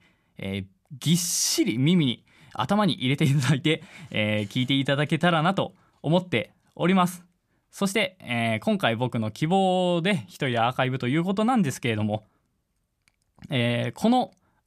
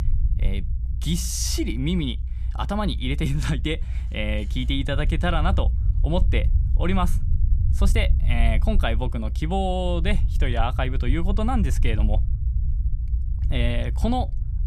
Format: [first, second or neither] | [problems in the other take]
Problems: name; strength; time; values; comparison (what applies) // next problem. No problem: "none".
first | low rumble; noticeable; throughout; 15 dB below the speech